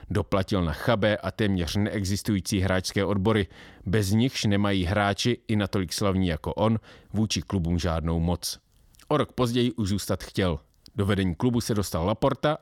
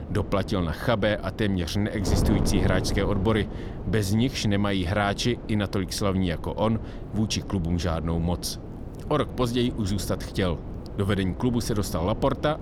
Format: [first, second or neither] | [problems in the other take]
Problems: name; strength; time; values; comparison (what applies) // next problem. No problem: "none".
first | wind noise on the microphone; occasional gusts; 10 dB below the speech